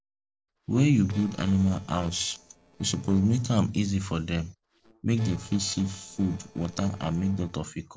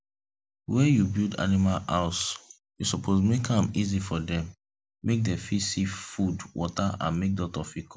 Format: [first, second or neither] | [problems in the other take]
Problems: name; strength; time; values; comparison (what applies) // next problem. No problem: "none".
second | noise reduction (neural separator model SepFormer DNS4)